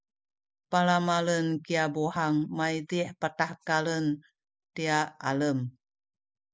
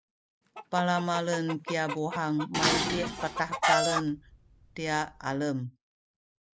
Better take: first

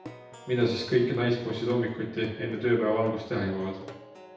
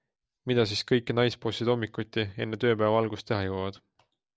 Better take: second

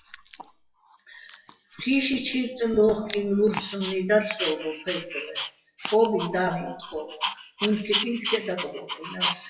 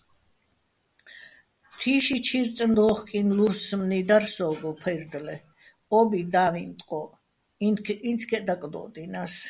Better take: second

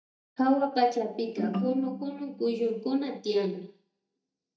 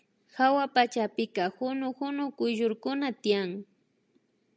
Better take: second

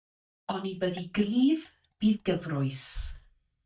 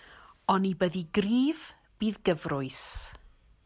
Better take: second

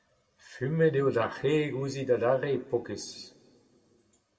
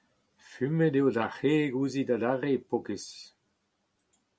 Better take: second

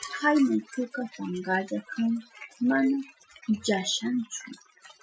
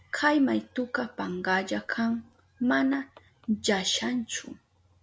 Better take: second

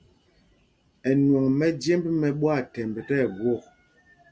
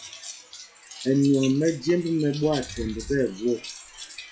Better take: first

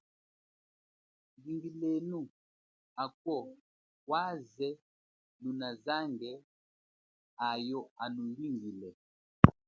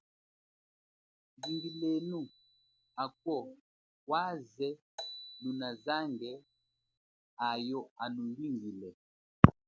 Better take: first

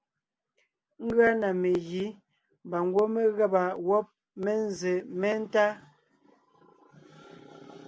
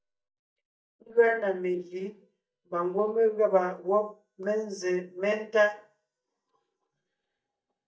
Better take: first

